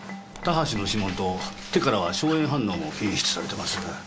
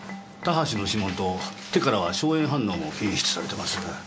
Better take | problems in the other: second | background sound (Bird + Zipper (clothing)); 17 dB below the speech

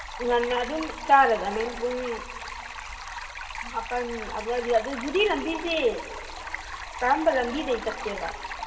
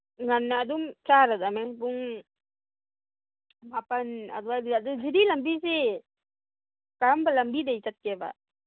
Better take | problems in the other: second | background sound (Stream); 9 dB below the speech // room echo; dies away in 2.6 s

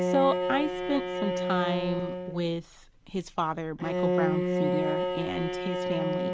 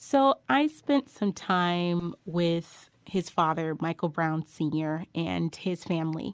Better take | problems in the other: second | background sound (Bowed string instrument); 2 dB above the speech

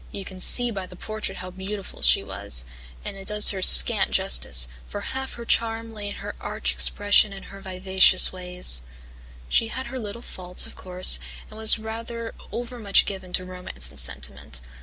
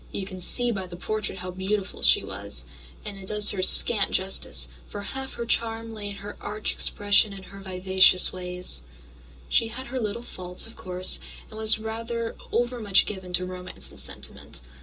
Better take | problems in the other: first | room echo; dies away in 0.2 s

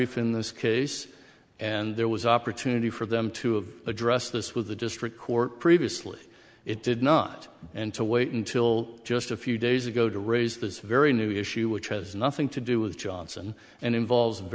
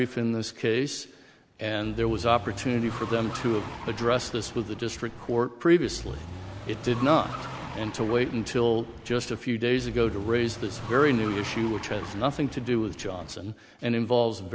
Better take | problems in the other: first | background sound (Car); 11 dB below the speech

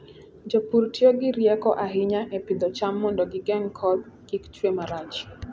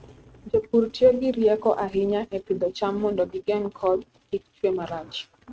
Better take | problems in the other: first | noise reduction (neural mask model RNNoise)

